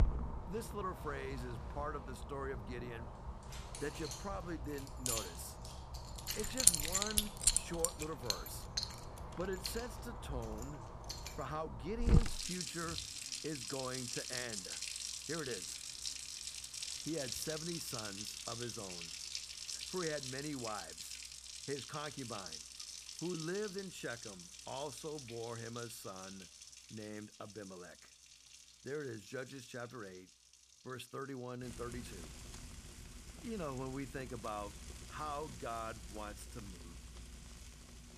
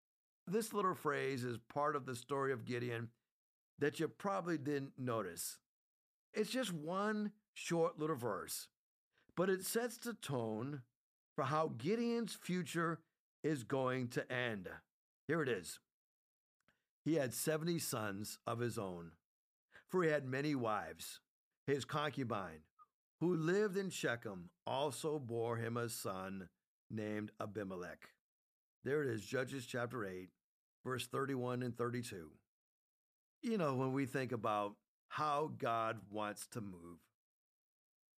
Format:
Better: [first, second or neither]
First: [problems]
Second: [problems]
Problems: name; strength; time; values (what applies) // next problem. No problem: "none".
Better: second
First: household noises; very loud; throughout; 4 dB above the speech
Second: none